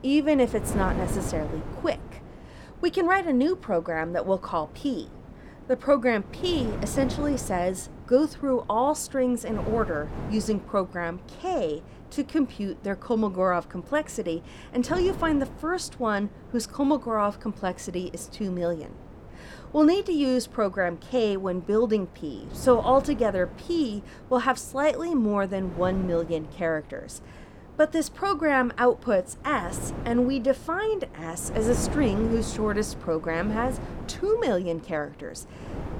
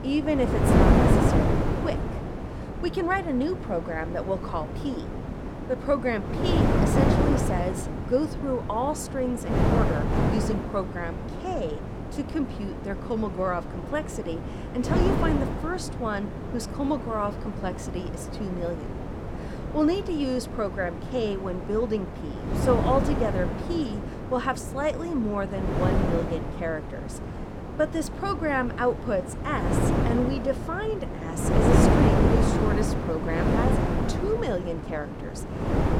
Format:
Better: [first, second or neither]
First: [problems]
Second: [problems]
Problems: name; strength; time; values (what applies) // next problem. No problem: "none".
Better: first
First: wind noise on the microphone; occasional gusts; 15 dB below the speech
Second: wind noise on the microphone; heavy; 2 dB below the speech